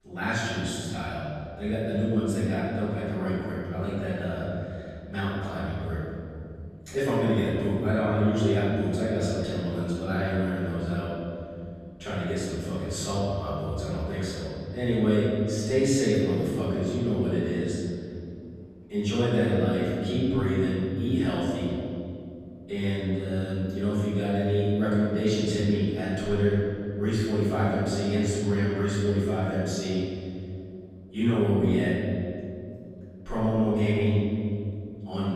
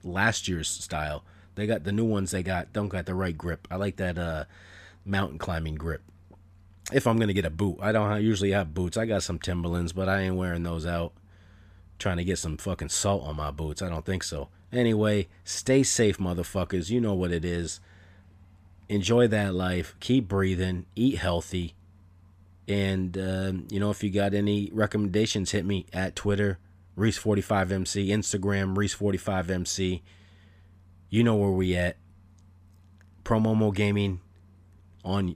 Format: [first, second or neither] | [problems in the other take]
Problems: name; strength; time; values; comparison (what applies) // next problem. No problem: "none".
second | off-mic speech; far // room echo; strong; dies away in 2.6 s